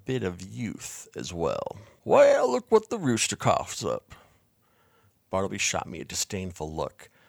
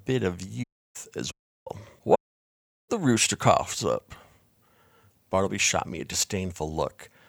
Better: first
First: none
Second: audio cutting out; at 0.5 s, at 1.5 s and at 2 s for 0.5 s

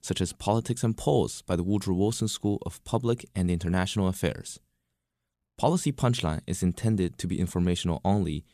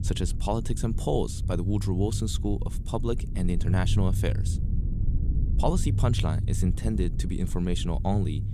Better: first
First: none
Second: low rumble; noticeable; throughout; 10 dB below the speech

